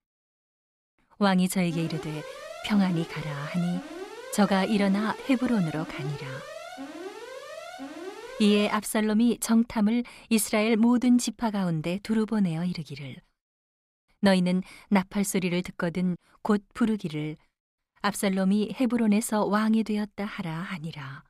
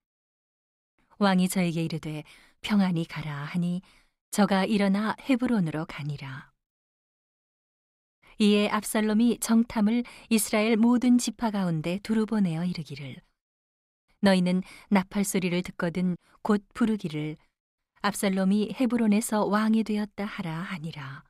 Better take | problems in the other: second | alarm; faint; from 1.5 to 9 s; peak 15 dB below the speech

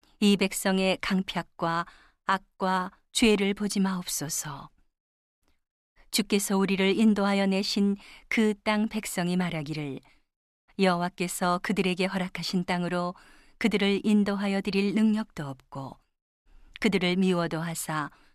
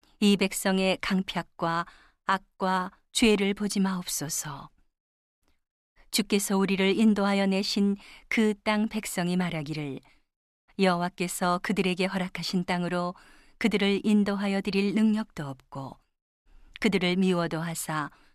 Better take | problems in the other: neither | none

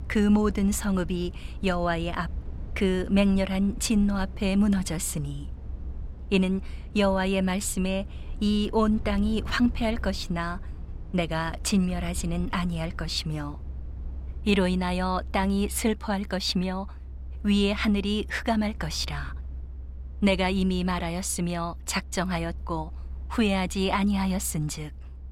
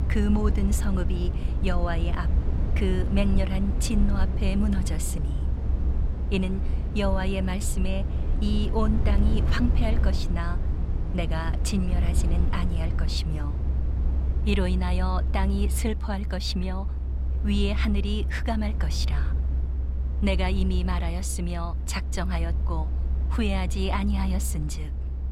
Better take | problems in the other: first | low rumble; loud; throughout; 9 dB below the speech; faint in the first

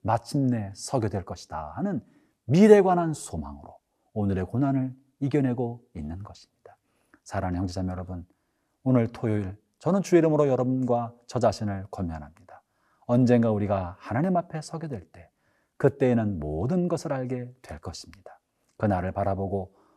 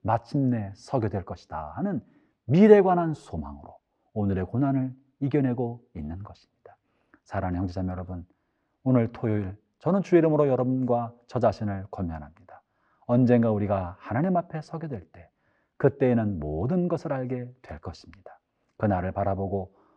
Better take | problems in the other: first | muffled; slightly; fading above 3 kHz

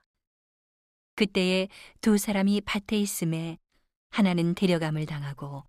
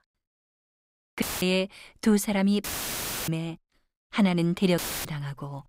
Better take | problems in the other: first | audio cutting out; filled with static; at 1 s, at 2.5 s for 0.5 s and at 5 s

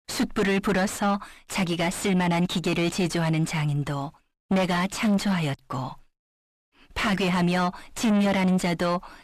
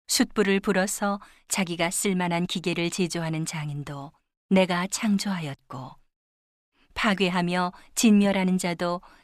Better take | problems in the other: second | distortion; heavy; 5 dB below the speech

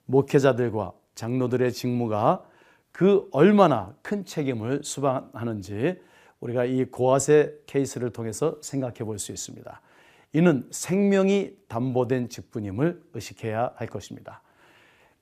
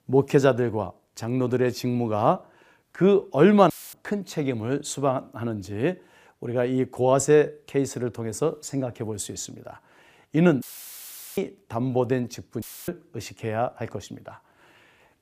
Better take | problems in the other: first | audio cutting out; filled with static; at 3.5 s, at 11 s for 1 s and at 13 s

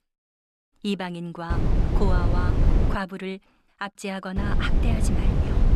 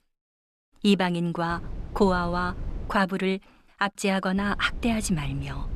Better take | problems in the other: second | low rumble; loud; from 1.5 to 3 s and from 4.5 s on; 2 dB below the speech; faint in the second

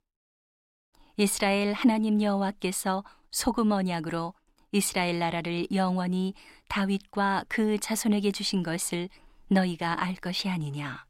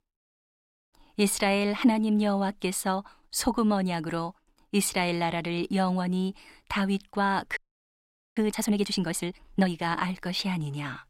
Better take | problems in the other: first | audio freezing; at 7.5 s for 1 s

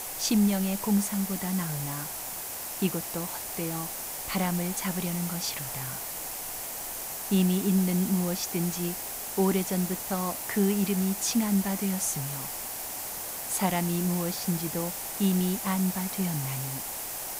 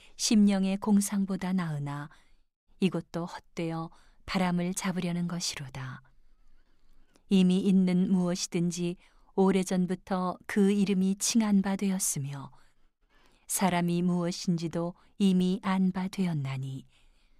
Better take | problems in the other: second | hiss; loud; throughout; 4 dB below the speech

